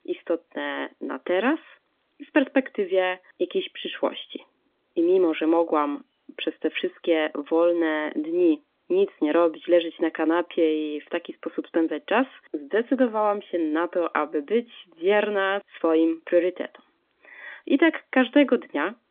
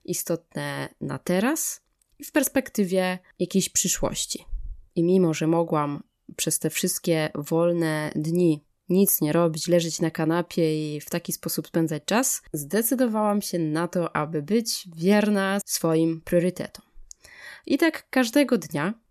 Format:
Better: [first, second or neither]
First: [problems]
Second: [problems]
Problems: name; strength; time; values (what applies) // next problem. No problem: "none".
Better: second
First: phone-call audio; nothing above 3.5 kHz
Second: none